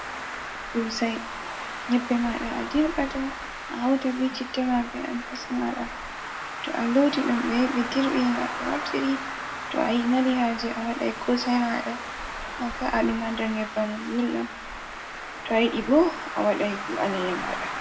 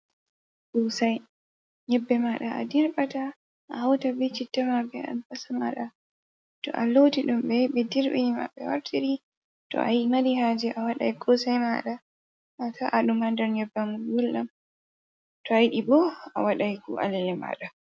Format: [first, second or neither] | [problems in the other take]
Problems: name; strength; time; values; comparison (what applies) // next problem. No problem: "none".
second | background sound (Traffic noise, roadway noise); 8 dB below the speech // room echo; dies away in 0.7 s